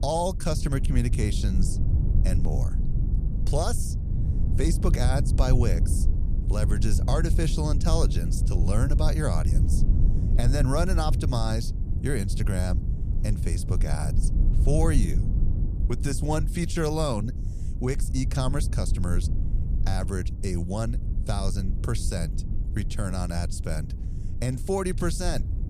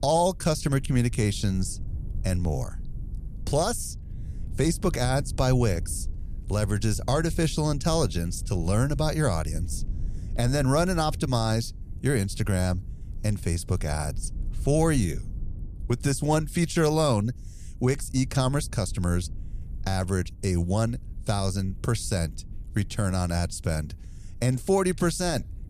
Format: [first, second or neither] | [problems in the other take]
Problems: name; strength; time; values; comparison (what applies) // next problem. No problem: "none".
second | low rumble; loud; throughout; 10 dB below the speech; faint in the second